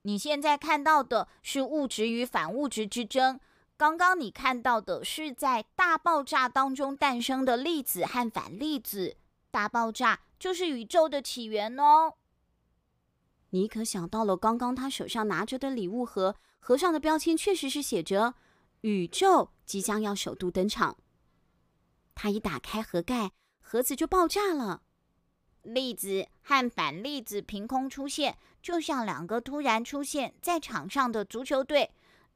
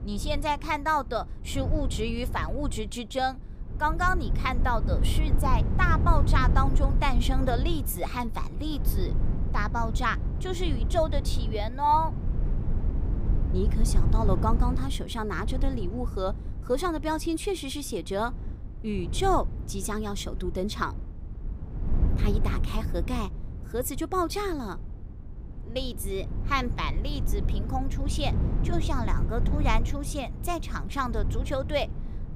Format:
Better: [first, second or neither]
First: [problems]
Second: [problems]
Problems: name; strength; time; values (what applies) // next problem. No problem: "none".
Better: first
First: none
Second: low rumble; noticeable; throughout; 15 dB below the speech